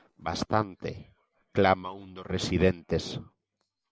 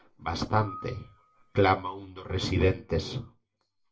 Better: first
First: none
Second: background sound (Screech / Glass); 19 dB below the speech // room echo; dies away in 0.2 s

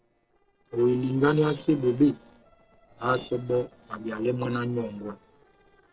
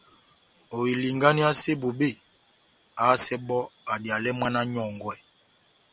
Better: second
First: noise reduction (neural separator model SepFormer DNS4)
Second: none

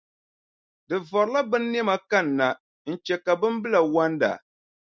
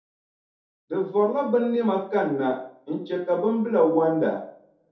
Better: first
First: none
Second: room echo; dies away in 0.5 s

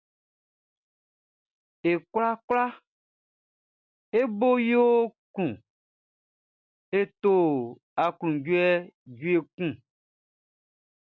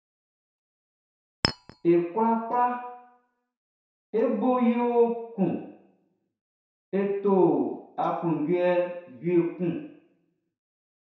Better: first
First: none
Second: background sound (Chink, clink); 4 dB below the speech // room echo; dies away in 0.7 s

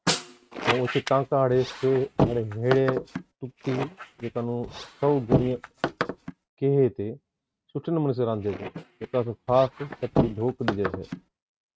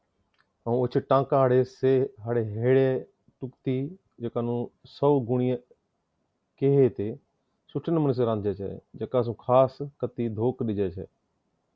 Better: second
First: noise reduction (neural mask model RNNoise)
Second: none

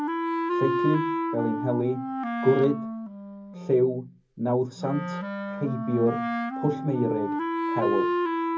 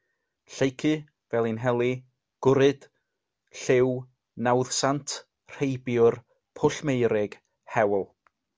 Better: second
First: background sound (Wind instrument, woodwind instrument); 1 dB below the speech // room echo; dies away in 0.4 s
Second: none

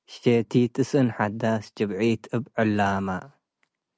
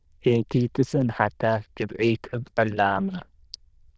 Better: first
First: none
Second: noise reduction (neural diffusion model UNIVERSE++)

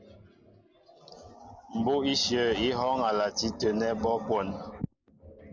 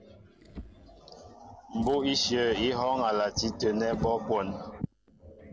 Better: first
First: none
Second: background sound (Drawer open or close); 16 dB below the speech

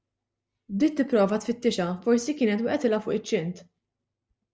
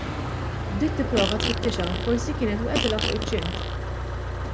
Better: first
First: none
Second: background sound (Motor vehicle (road) + Fart); 1 dB above the speech

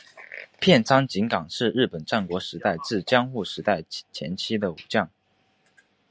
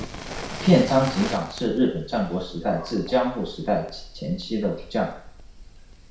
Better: first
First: none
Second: background sound (Fire); 13 dB below the speech // room echo; dies away in 0.6 s

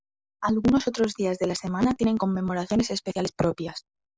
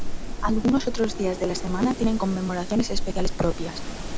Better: first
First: none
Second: background sound (Wind); 1 dB below the speech

